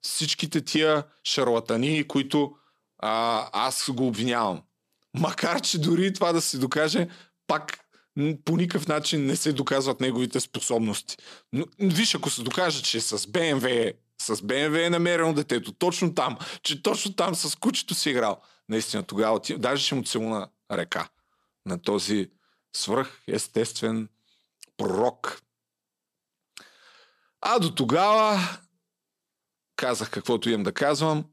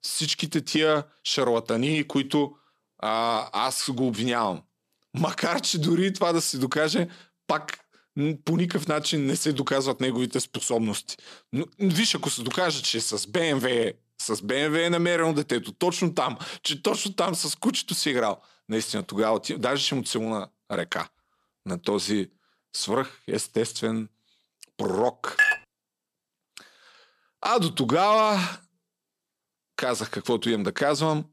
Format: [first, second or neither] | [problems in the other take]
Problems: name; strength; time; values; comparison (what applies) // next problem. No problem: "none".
first | clattering dishes; loud; at 25 s; peak 5 dB above the speech